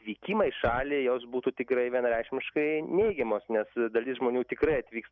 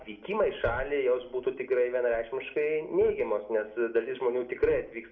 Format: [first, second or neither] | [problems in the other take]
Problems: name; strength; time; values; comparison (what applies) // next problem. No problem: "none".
first | room echo; dies away in 0.4 s